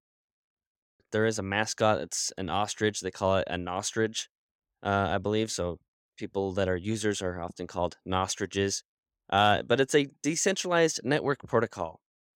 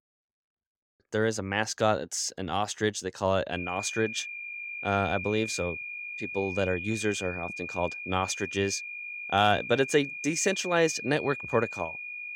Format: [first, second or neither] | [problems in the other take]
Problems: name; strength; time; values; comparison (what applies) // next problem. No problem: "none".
first | high-pitched whine; loud; from 3.5 s on; 2.5 kHz, 7 dB below the speech